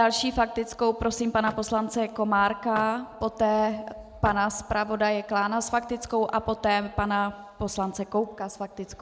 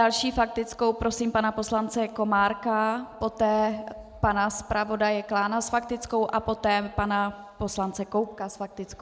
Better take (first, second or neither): second